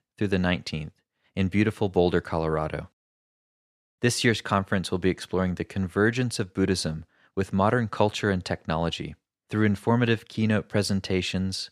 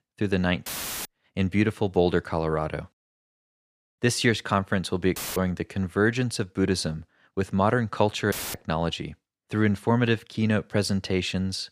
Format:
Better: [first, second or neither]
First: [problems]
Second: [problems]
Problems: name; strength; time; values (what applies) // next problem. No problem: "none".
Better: first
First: none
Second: audio cutting out; filled with static; at 0.5 s, at 5 s and at 8.5 s